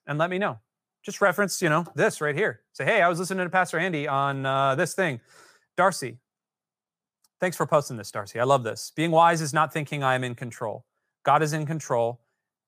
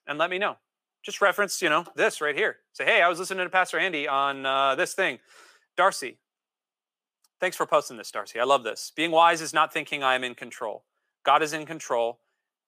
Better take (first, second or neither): first